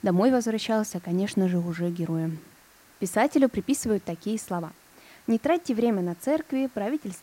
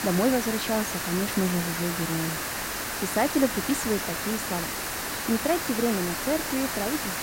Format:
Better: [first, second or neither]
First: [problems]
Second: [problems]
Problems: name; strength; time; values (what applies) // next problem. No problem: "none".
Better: first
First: hiss; faint; throughout; 25 dB below the speech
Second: hiss; loud; throughout; 1 dB below the speech